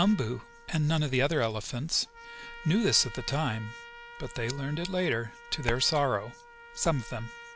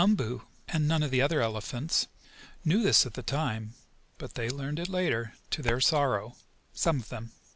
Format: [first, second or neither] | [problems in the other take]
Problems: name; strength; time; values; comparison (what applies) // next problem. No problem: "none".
second | background sound (Trumpet); 18 dB below the speech